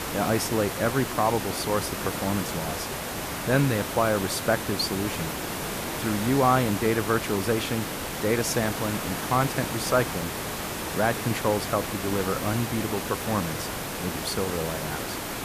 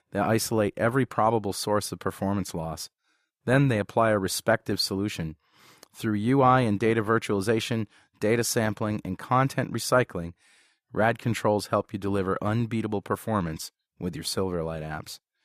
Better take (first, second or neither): second